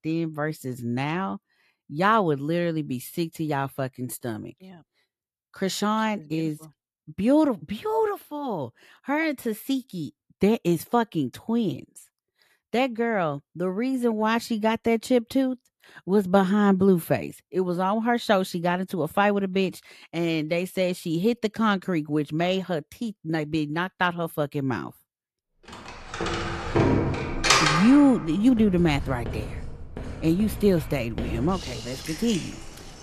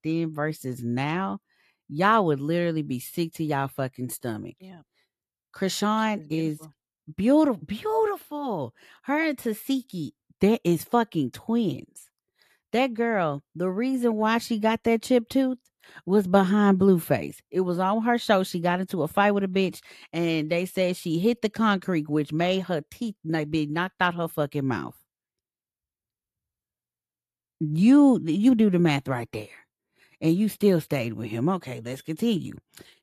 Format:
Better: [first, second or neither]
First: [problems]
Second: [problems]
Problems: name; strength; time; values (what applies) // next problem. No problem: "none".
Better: second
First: household noises; loud; from 26 s on; 3 dB below the speech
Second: none